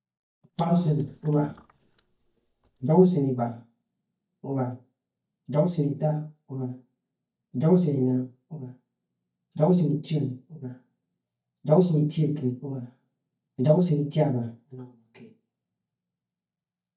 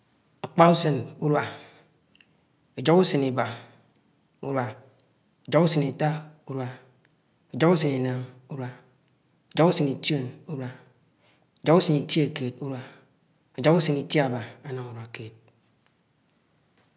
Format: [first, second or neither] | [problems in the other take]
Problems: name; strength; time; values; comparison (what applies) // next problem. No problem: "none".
second | noise reduction (neural mask model DeepFilterNet 3)